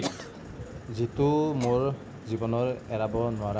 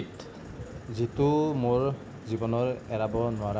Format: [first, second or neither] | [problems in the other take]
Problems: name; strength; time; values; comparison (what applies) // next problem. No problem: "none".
second | background sound (Cough); 16 dB below the speech